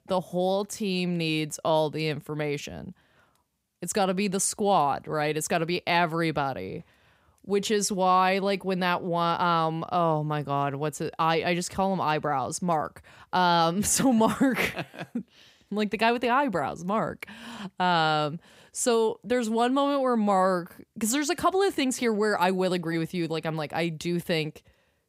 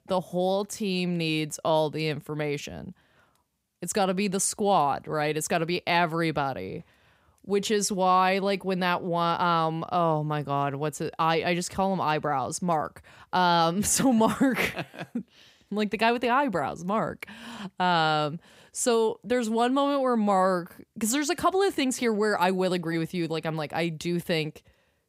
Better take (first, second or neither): neither